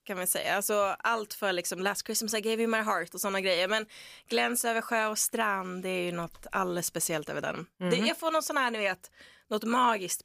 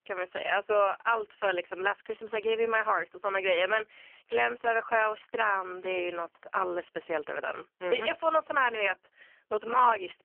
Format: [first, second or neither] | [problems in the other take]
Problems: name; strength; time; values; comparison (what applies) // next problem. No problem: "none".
first | phone-call audio; poor line; nothing above 3 kHz